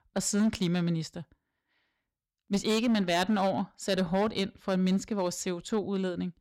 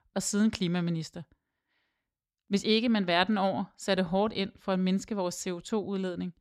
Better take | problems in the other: second | distortion; slight; 5% of the sound clipped

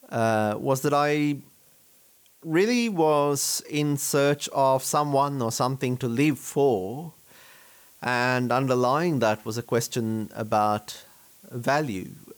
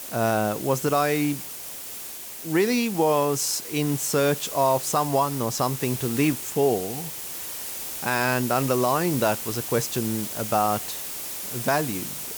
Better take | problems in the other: first | hiss; loud; throughout; 7 dB below the speech; faint in the first

